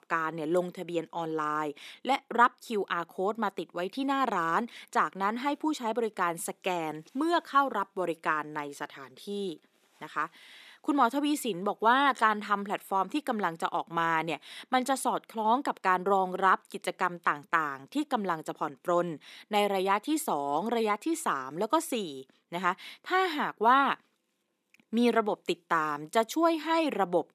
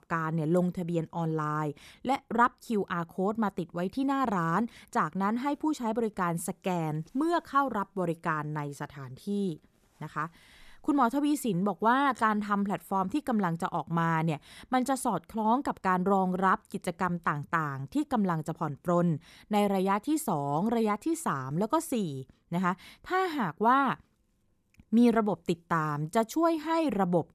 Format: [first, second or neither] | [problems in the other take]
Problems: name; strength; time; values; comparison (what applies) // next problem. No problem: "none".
second | thin; very slightly; fading below 300 Hz